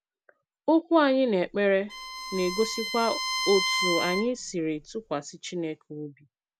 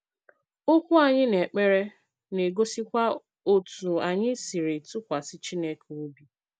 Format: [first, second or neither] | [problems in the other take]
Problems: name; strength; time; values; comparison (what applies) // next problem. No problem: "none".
second | background sound (Bowed string instrument); 5 dB below the speech